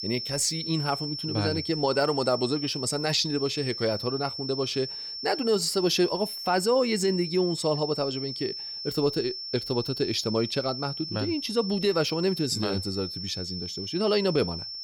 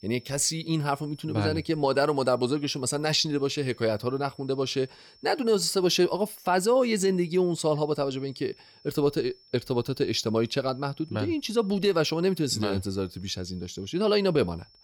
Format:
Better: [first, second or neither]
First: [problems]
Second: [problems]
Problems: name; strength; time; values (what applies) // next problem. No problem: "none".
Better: second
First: high-pitched whine; loud; throughout; 5.5 kHz, 6 dB below the speech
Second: high-pitched whine; faint; throughout; 5.5 kHz, 30 dB below the speech